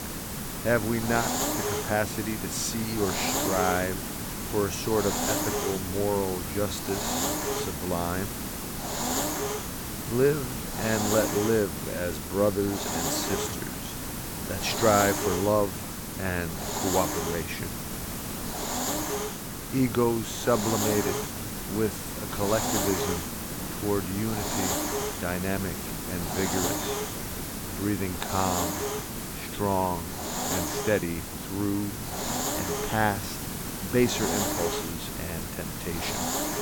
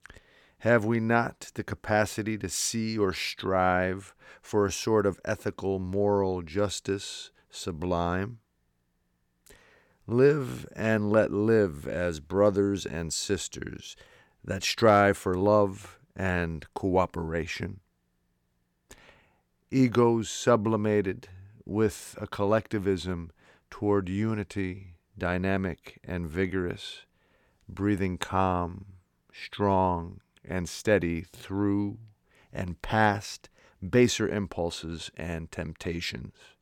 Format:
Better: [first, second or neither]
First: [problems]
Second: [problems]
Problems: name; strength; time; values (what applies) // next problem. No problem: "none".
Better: second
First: hiss; loud; throughout; 1 dB below the speech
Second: none